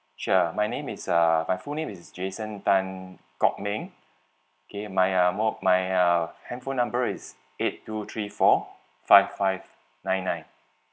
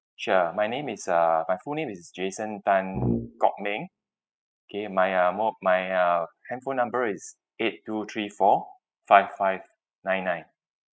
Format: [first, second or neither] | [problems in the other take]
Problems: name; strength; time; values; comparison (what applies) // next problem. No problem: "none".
first | noise reduction (classical method spectral subtraction)